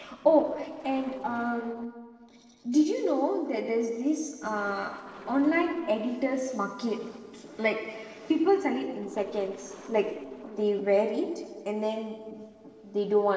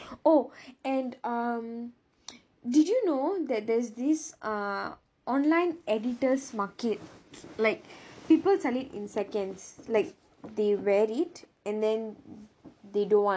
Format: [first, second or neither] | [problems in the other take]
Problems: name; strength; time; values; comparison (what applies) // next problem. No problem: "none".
second | noise reduction (neural separator model SepFormer DNS4)